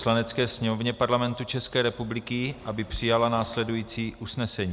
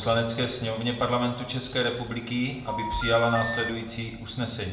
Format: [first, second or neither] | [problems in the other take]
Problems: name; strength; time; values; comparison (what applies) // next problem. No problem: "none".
first | background sound (Telephone); 5 dB below the speech // room echo; dies away in 0.8 s